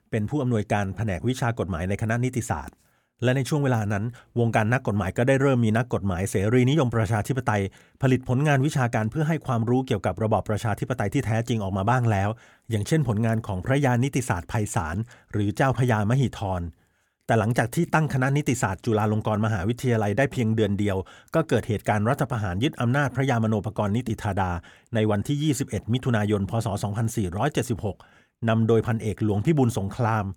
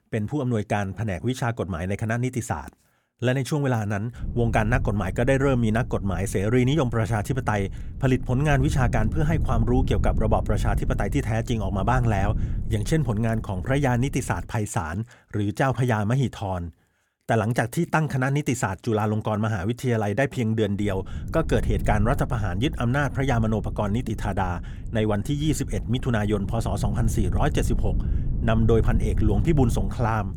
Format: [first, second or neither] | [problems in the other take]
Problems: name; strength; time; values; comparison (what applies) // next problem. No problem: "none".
first | wind noise on the microphone; occasional gusts; from 4 to 14 s and from 21 s on; 15 dB below the speech